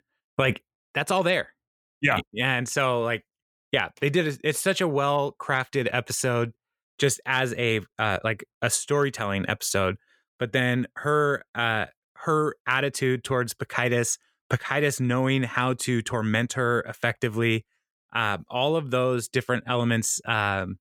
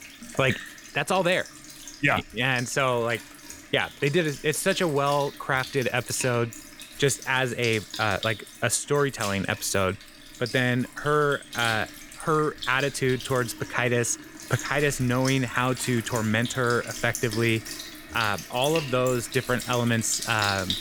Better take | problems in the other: first | household noises; noticeable; throughout; 10 dB below the speech

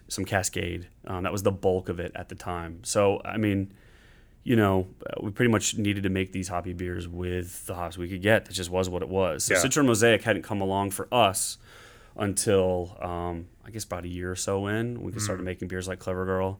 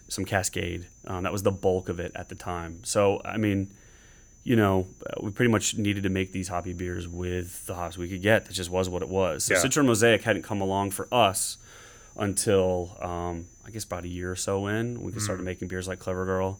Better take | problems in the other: first | high-pitched whine; faint; throughout; 6 kHz, 25 dB below the speech

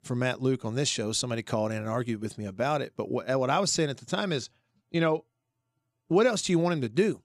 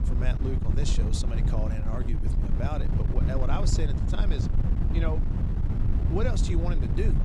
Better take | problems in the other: first | wind noise on the microphone; heavy; 3 dB below the speech

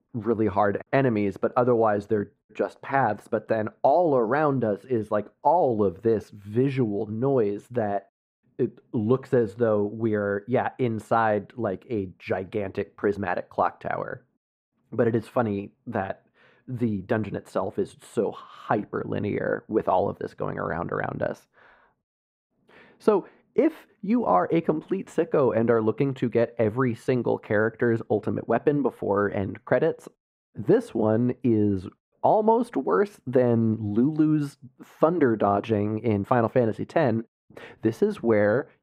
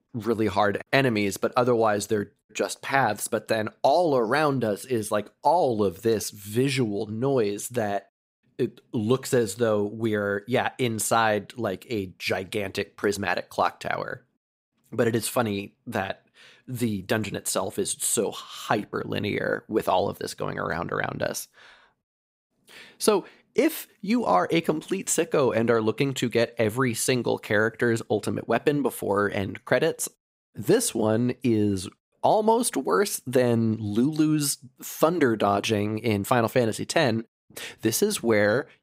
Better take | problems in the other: second | muffled; very; fading above 3 kHz

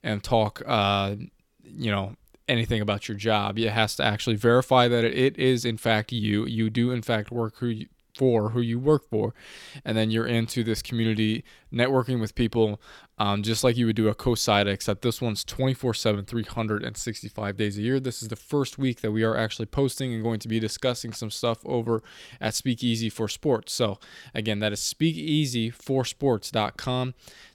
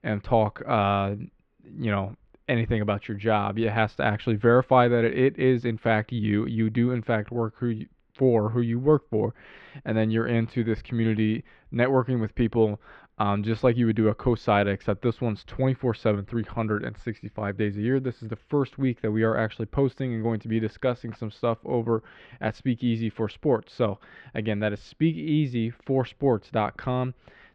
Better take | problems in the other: first | muffled; very; fading above 2 kHz

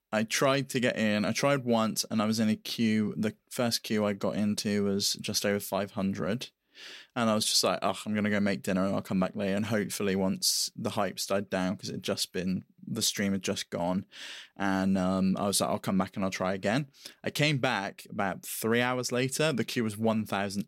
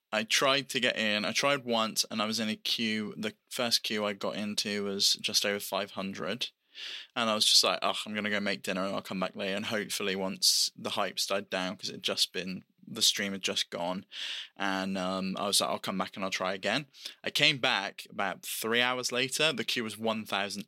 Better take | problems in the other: first | thin; very slightly; fading below 350 Hz

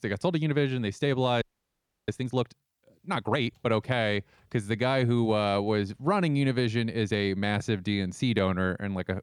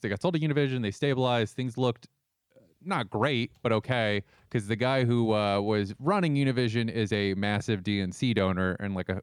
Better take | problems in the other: second | audio freezing; at 1.5 s for 0.5 s

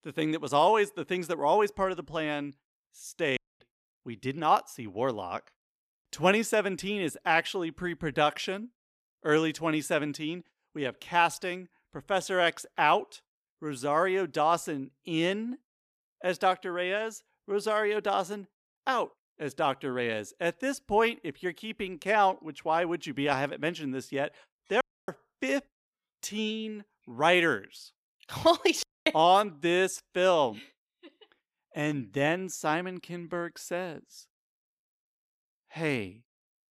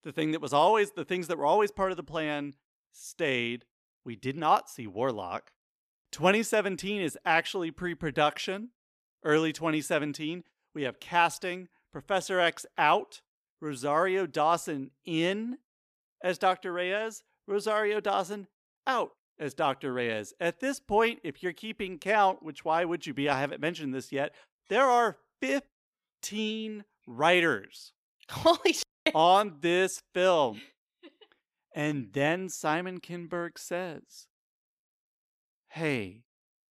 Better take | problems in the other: second | audio cutting out; at 3.5 s and at 25 s

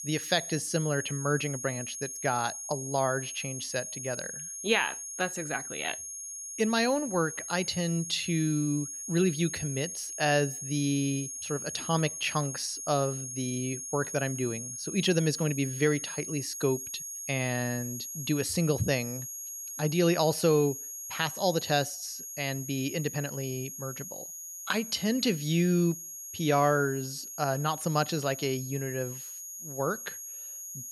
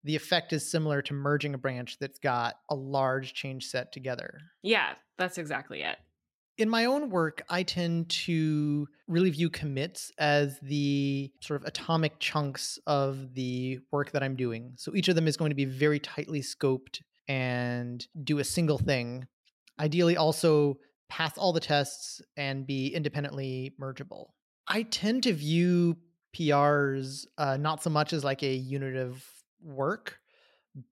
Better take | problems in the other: second | high-pitched whine; loud; throughout; 6.5 kHz, 7 dB below the speech

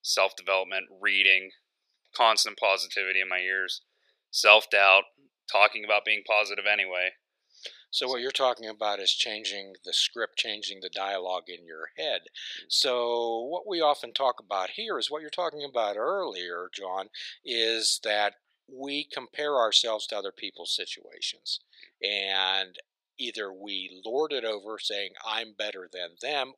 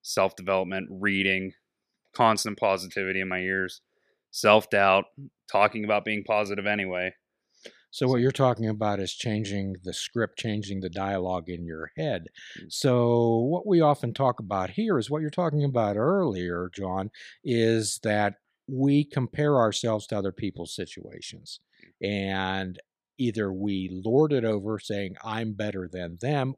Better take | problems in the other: second | thin; very; fading below 500 Hz

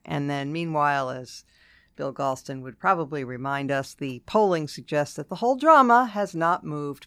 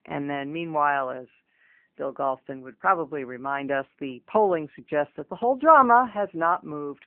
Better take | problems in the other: first | phone-call audio

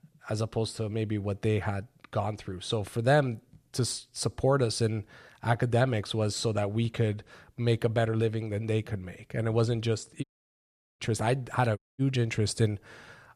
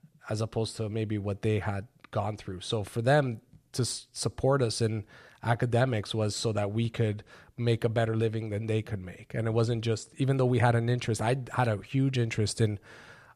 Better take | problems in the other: second | audio cutting out; at 10 s for 1 s and at 12 s

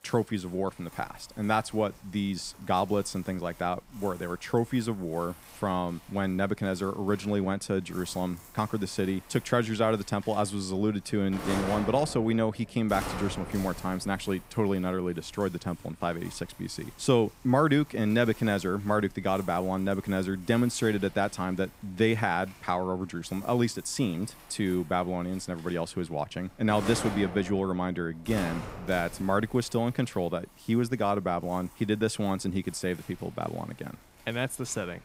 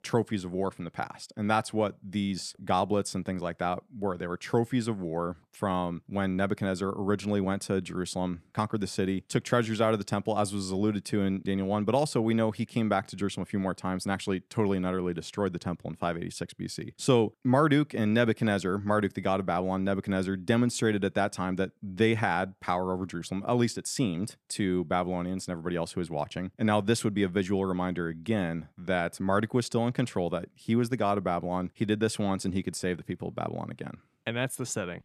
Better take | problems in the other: second | household noises; noticeable; throughout; 15 dB below the speech

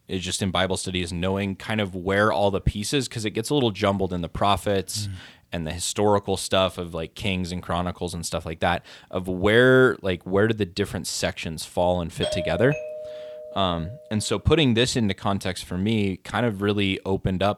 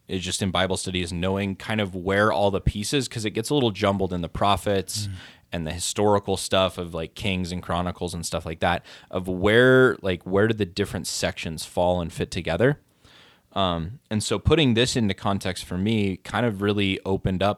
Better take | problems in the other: second | doorbell; noticeable; from 12 to 14 s; peak 4 dB below the speech

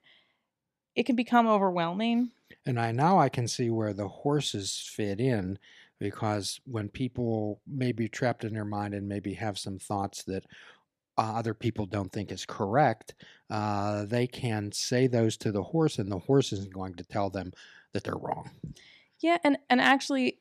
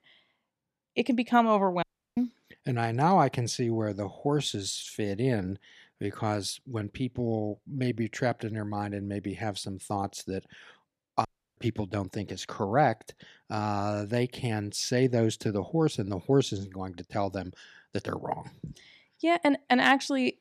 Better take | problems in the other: first | audio cutting out; at 2 s and at 11 s

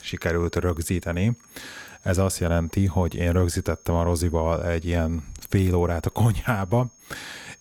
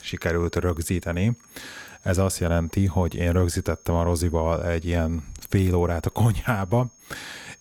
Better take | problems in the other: neither | high-pitched whine; faint; throughout; 6.5 kHz, 30 dB below the speech; the same in both

